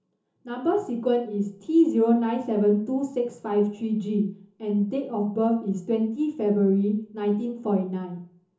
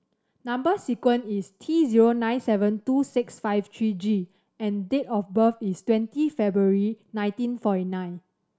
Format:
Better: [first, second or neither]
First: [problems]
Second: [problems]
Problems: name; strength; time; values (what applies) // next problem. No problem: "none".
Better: second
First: room echo; dies away in 0.8 s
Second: none